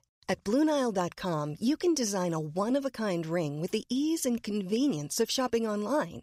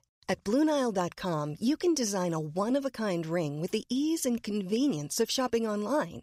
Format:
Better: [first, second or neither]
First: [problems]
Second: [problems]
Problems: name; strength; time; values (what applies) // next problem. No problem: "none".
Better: neither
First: none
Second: none